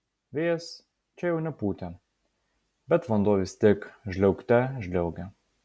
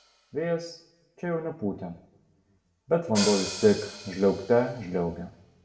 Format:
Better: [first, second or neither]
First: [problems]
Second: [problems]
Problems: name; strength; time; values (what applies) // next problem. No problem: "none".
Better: first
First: none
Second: background sound (Hi-hat); 12 dB below the speech // room echo; dies away in 0.6 s